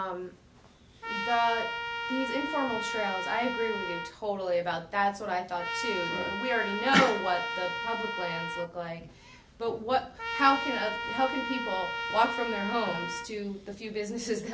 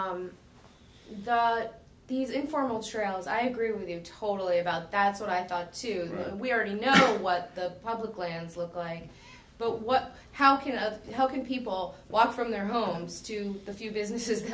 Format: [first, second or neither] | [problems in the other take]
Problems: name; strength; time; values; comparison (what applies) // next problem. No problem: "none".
second | background sound (Trumpet); 4 dB below the speech